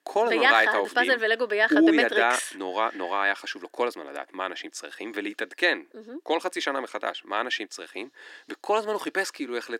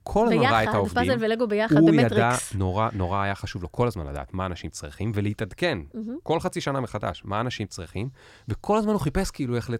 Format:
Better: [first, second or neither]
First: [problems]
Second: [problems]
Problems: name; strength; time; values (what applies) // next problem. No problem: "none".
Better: second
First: thin; somewhat; fading below 300 Hz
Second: none